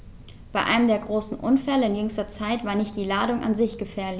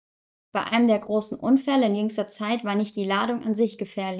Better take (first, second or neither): first